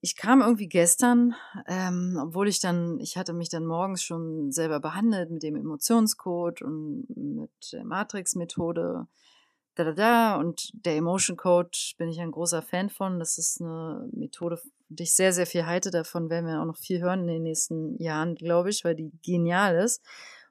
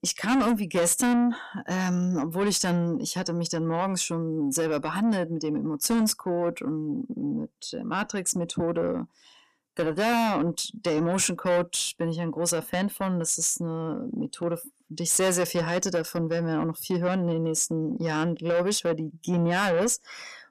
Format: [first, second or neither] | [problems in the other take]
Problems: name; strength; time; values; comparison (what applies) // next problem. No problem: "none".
first | distortion; heavy; 8 dB below the speech